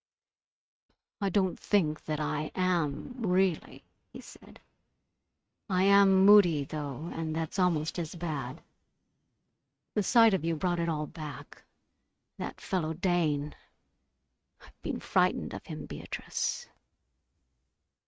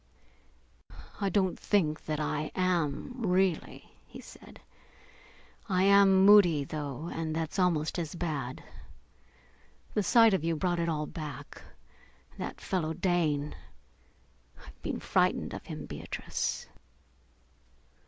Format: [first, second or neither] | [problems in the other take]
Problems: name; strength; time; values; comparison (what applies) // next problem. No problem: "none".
second | noise reduction (neural mask model RNNoise)